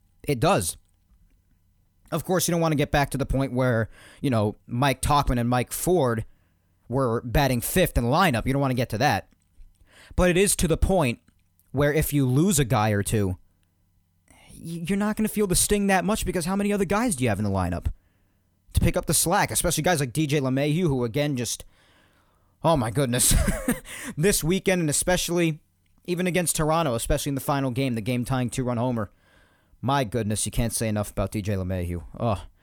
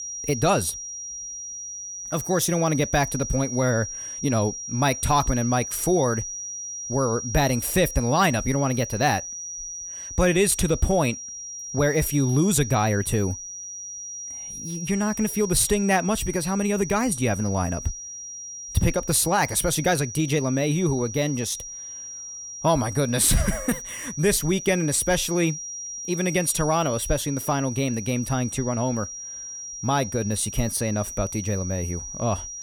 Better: first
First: none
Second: high-pitched whine; loud; throughout; 5.5 kHz, 9 dB below the speech

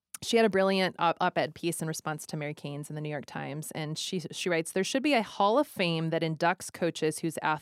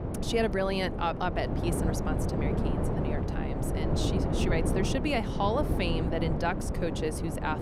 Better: first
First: none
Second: wind noise on the microphone; heavy; 4 dB below the speech

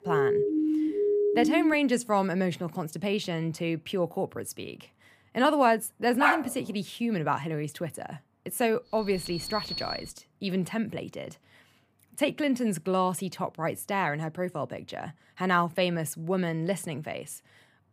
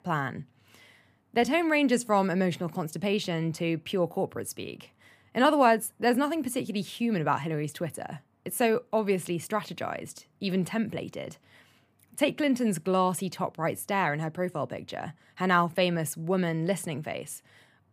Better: second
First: siren; loud; until 1.5 s; peak 4 dB above the speech // dog barking; loud; at 6 s; peak 4 dB above the speech // alarm; noticeable; from 9 to 10 s; peak 4 dB below the speech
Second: none

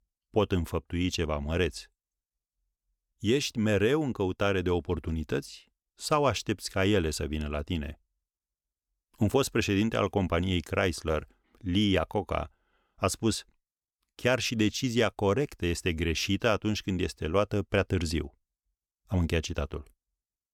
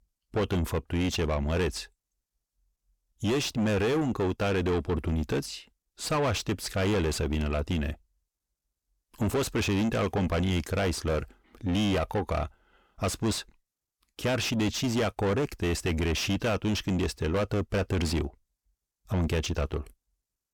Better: first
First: none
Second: distortion; heavy; 7 dB below the speech

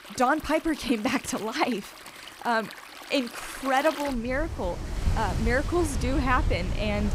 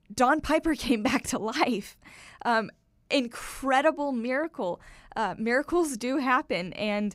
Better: second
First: rain or running water; loud; throughout; 7 dB below the speech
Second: none

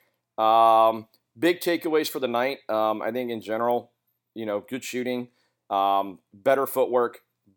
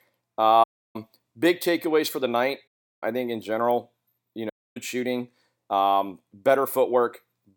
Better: first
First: none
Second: audio cutting out; at 0.5 s, at 2.5 s and at 4.5 s

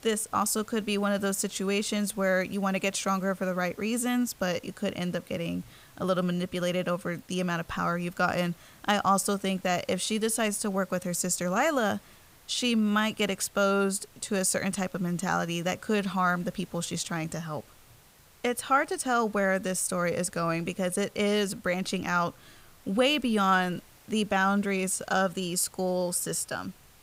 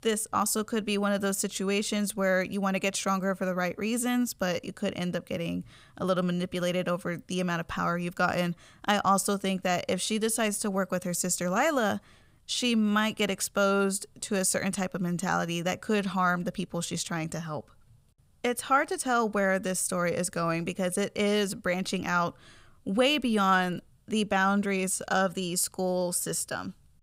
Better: second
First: hiss; faint; throughout; 25 dB below the speech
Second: none

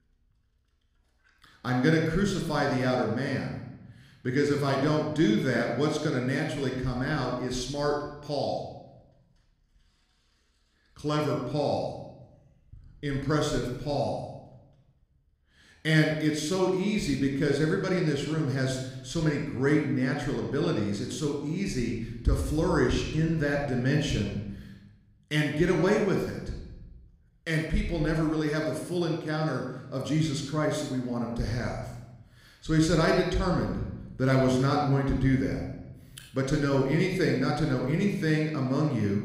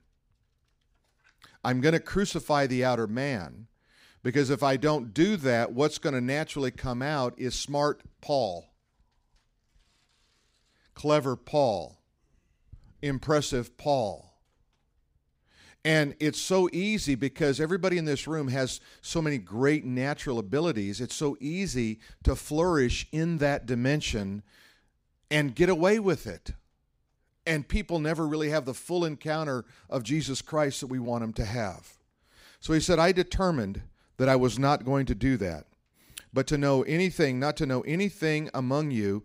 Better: second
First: room echo; noticeable; dies away in 0.9 s // off-mic speech; somewhat distant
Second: none

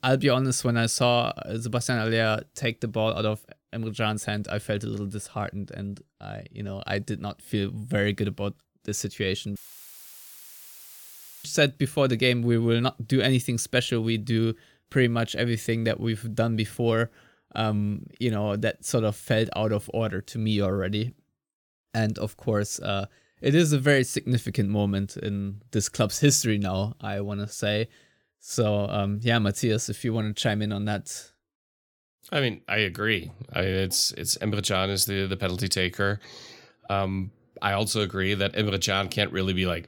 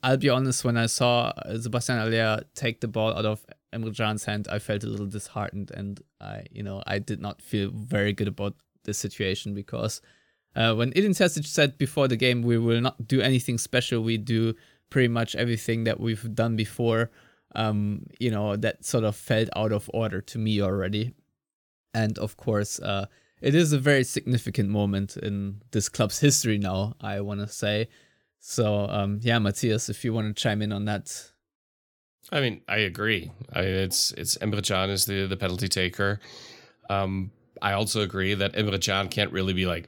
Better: second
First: audio cutting out; filled with static; at 9.5 s for 2 s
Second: none

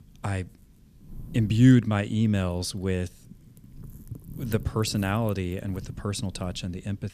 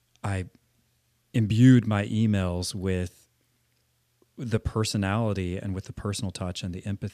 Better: second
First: wind noise on the microphone; occasional gusts; 25 dB below the speech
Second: none

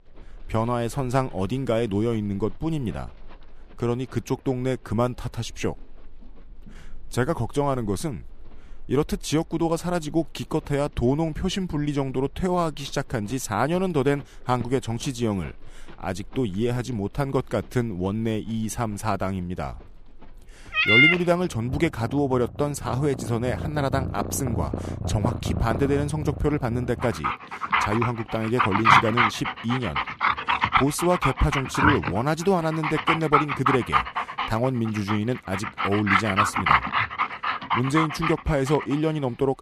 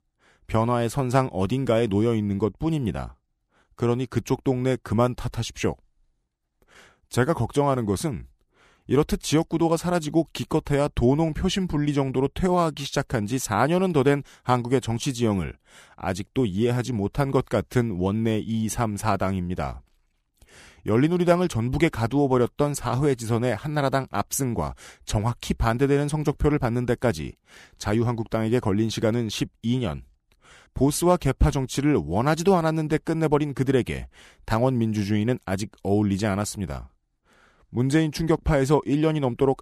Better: second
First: animal sounds; very loud; throughout; 2 dB above the speech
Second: none

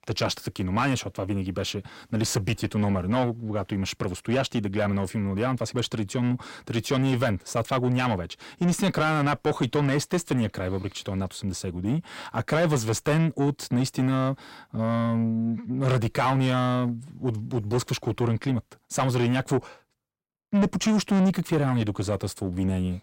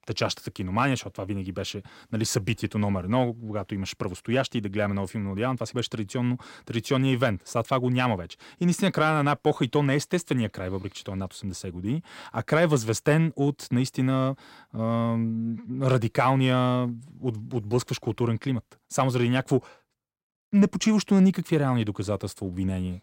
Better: second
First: distortion; slight; 10 dB below the speech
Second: none

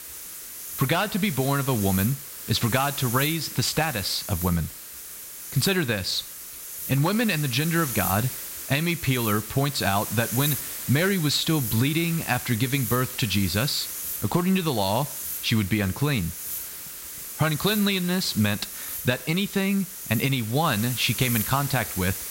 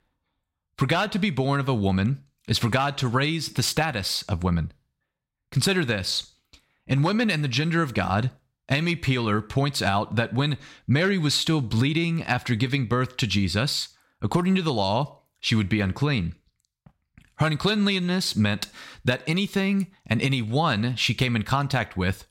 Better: second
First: hiss; loud; throughout; 7 dB below the speech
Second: none

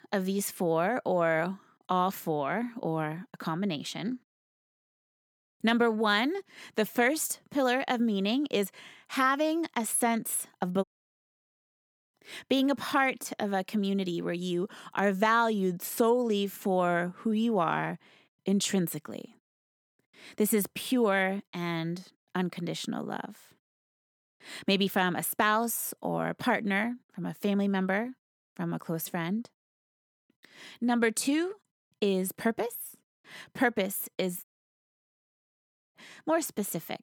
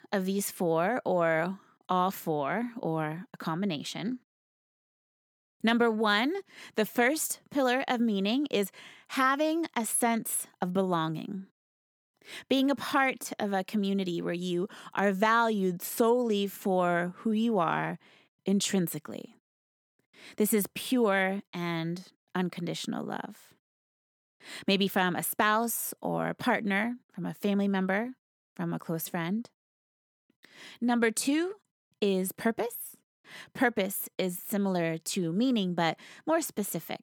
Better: second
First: audio cutting out; at 11 s for 0.5 s and at 34 s for 1.5 s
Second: none

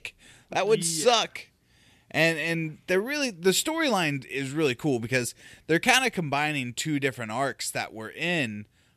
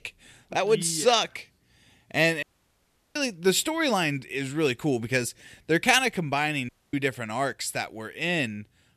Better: first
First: none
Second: audio cutting out; at 2.5 s for 0.5 s and at 6.5 s

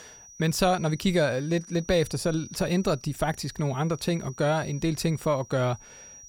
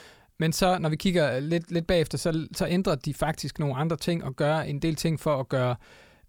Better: second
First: high-pitched whine; noticeable; throughout; 6 kHz, 20 dB below the speech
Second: none

